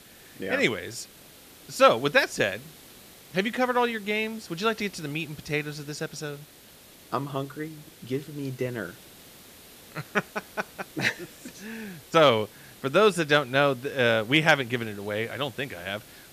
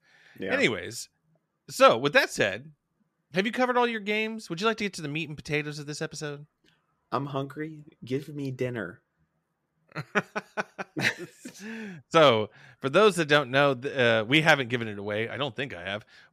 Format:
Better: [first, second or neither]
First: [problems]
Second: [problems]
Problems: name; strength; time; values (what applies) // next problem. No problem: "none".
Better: second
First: hiss; faint; throughout; 20 dB below the speech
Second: none